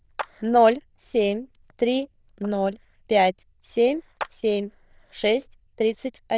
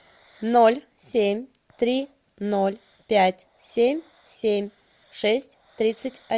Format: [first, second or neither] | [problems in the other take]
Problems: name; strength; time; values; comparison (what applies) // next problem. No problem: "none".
second | noise reduction (neural diffusion model UNIVERSE++)